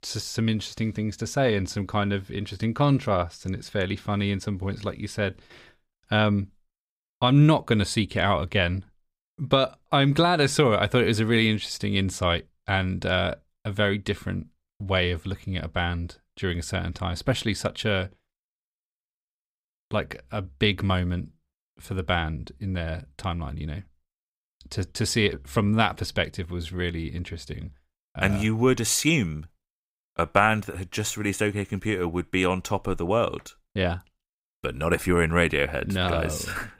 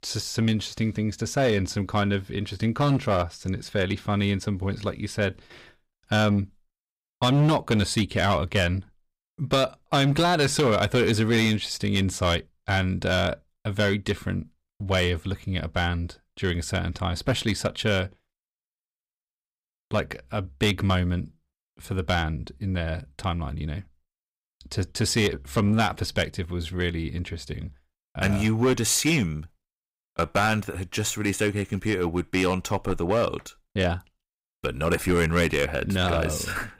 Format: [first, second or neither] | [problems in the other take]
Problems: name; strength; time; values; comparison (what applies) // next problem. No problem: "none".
first | distortion; slight; 4% of the sound clipped